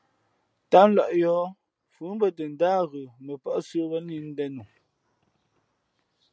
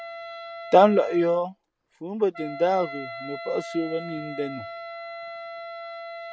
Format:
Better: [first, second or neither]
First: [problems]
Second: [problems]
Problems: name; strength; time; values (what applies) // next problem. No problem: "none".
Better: first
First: none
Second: background sound (Wind instrument, woodwind instrument); 12 dB below the speech